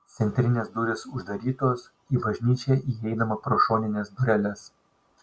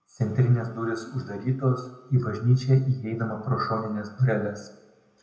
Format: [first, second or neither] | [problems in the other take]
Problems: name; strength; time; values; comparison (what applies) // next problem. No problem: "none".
first | room echo; dies away in 0.6 s